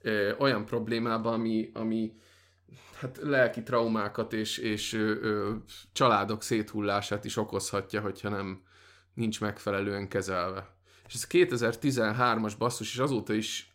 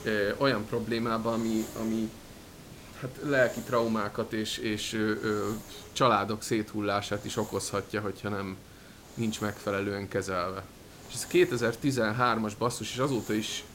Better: first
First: none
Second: hiss; noticeable; throughout; 15 dB below the speech

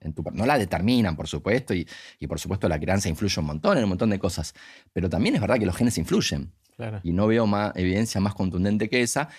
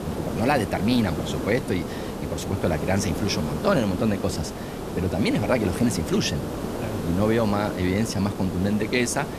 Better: first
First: none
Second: hiss; loud; throughout; 6 dB below the speech

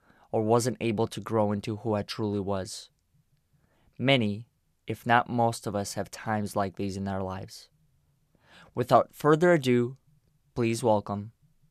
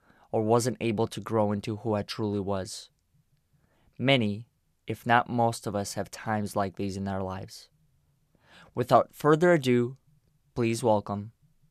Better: neither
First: none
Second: none

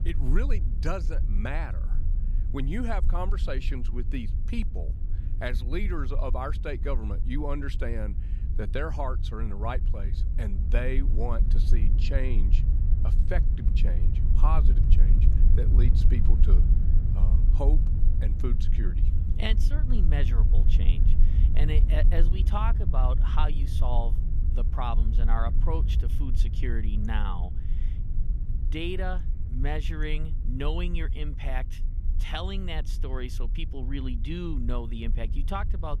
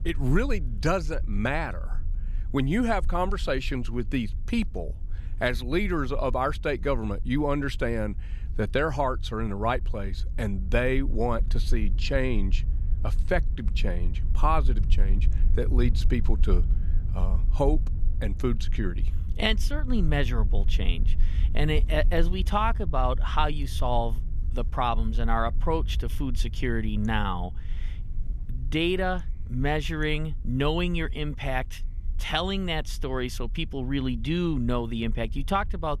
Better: second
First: low rumble; loud; throughout; 9 dB below the speech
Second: low rumble; faint; throughout; 20 dB below the speech

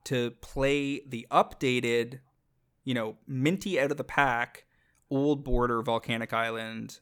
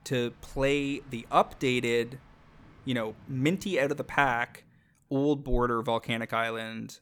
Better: first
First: none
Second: train or aircraft noise; faint; until 4.5 s; 25 dB below the speech

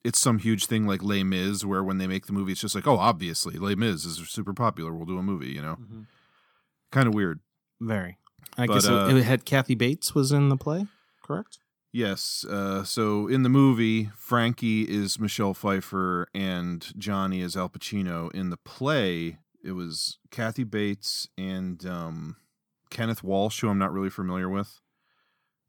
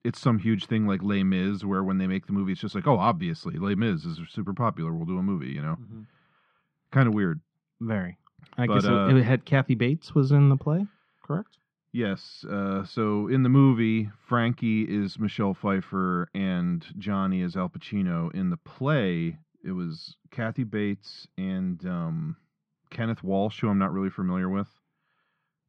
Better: first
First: none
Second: muffled; slightly; fading above 3 kHz

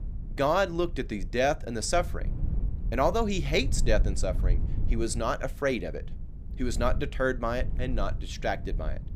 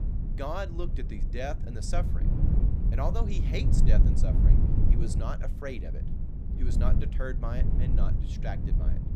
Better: first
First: low rumble; faint; throughout; 20 dB below the speech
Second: low rumble; loud; throughout; 4 dB below the speech

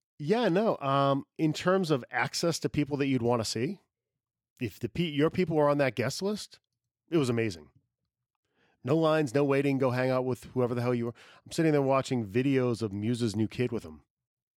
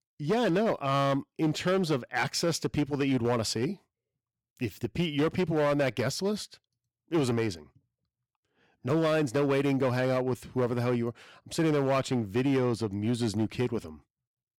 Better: first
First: none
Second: distortion; slight; 8% of the sound clipped

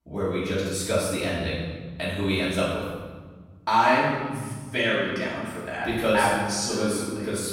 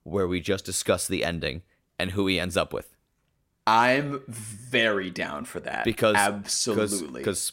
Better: second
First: off-mic speech; far // room echo; strong; dies away in 1.5 s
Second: none

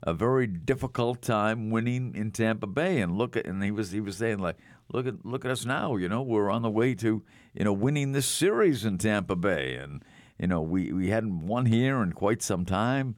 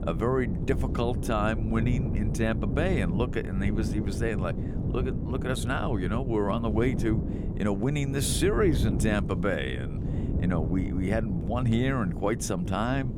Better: first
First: none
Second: wind noise on the microphone; heavy; 9 dB below the speech

